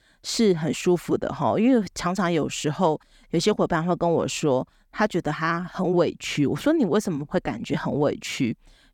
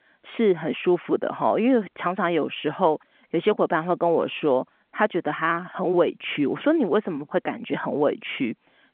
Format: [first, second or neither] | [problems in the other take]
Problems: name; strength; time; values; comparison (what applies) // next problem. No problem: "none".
first | phone-call audio